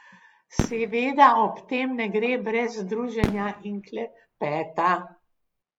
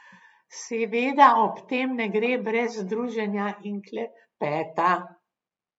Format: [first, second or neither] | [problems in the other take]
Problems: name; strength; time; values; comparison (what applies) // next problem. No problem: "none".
second | background sound (Fireworks); 10 dB below the speech